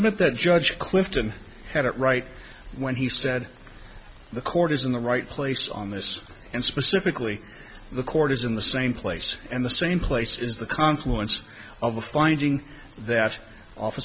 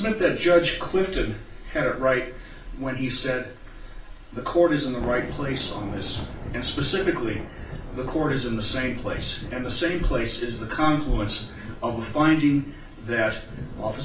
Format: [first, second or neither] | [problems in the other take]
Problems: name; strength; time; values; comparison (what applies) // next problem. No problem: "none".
first | background sound (Thunder / Rain); 13 dB below the speech // room echo; dies away in 0.4 s